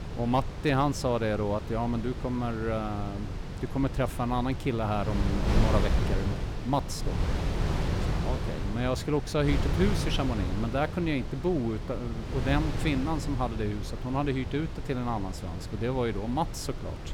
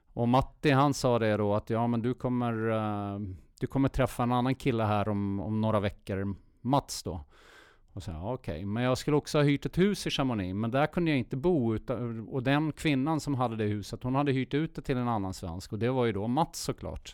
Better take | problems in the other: second | wind noise on the microphone; heavy; 8 dB below the speech

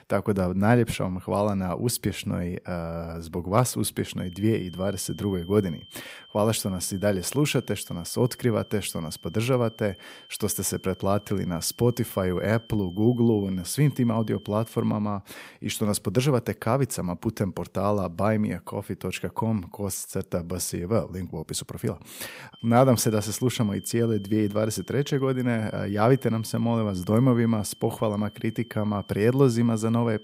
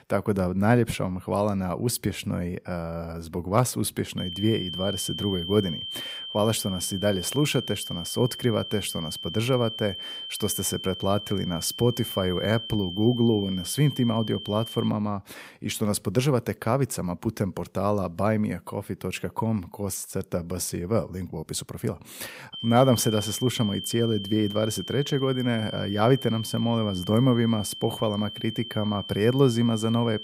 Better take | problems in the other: first | high-pitched whine; loud; from 4 to 15 s and from 23 s on; 3 kHz, 8 dB below the speech; faint in the first

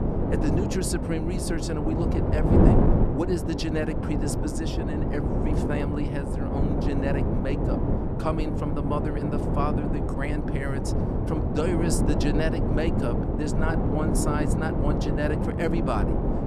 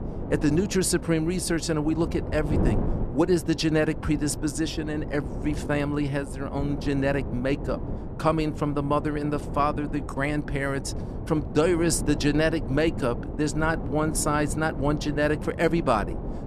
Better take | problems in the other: second | wind noise on the microphone; heavy; 1 dB above the speech; occasional gusts in the second

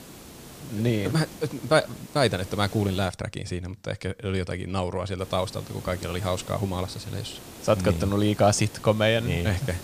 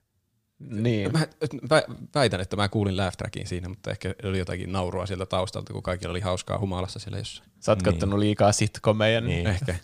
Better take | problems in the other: second | hiss; noticeable; until 3 s and from 5 s on; 15 dB below the speech

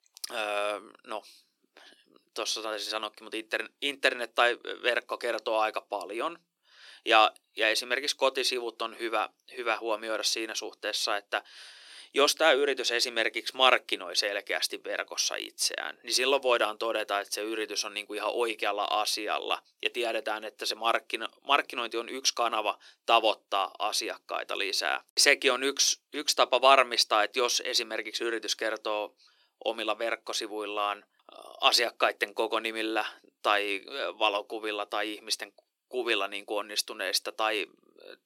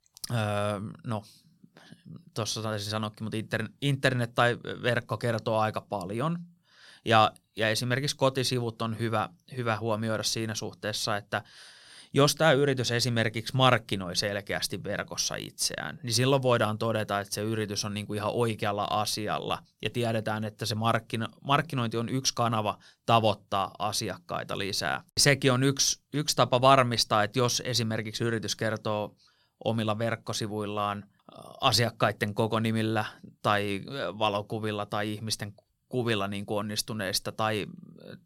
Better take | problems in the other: second | thin; very; fading below 350 Hz

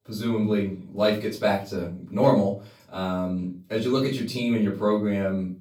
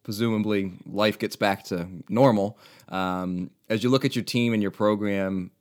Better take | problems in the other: second | off-mic speech; far // room echo; slight; dies away in 0.3 s

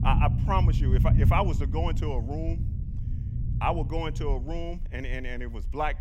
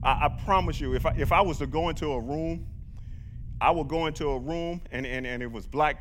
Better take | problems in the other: second | low rumble; loud; throughout; 10 dB below the speech; faint in the second

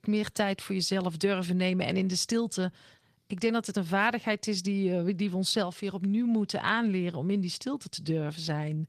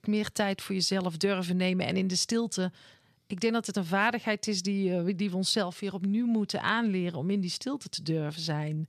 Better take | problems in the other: second | garbled, watery; slightly; nothing above 14 kHz

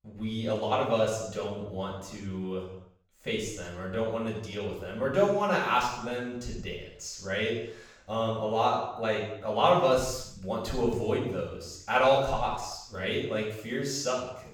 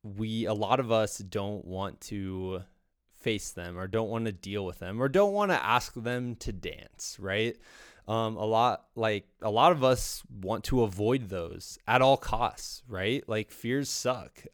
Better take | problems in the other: second | room echo; noticeable; dies away in 0.7 s // off-mic speech; far

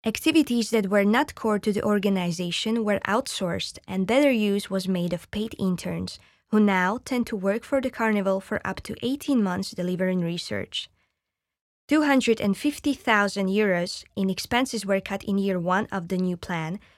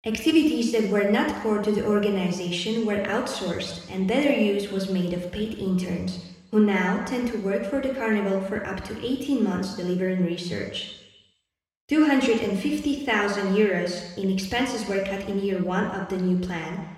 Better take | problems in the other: first | room echo; noticeable; dies away in 1 s // off-mic speech; somewhat distant

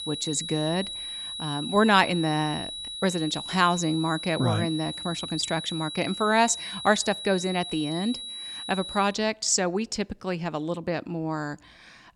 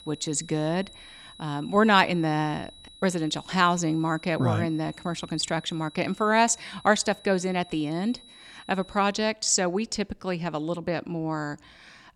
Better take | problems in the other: second | high-pitched whine; loud; until 9 s; 4 kHz, 7 dB below the speech; faint in the second

